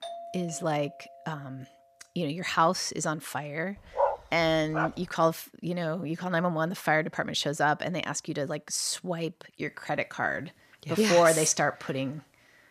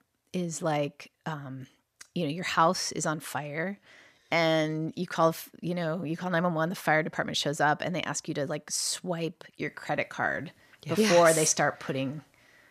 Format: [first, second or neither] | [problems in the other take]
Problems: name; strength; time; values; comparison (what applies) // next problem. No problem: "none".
second | doorbell; faint; until 1.5 s; peak 10 dB below the speech // dog barking; noticeable; at 4 s; peak level with the speech